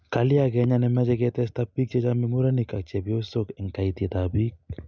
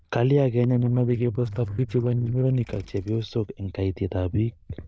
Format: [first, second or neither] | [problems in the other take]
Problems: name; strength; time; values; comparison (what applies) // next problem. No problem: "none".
first | noise reduction (neural diffusion model UNIVERSE++)